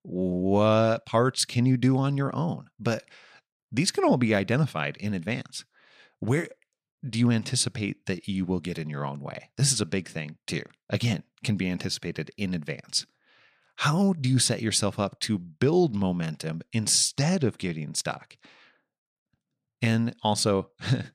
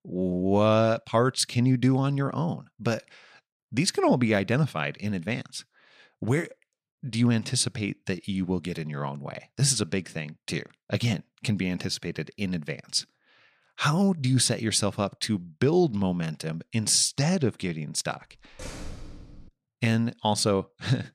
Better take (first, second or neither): first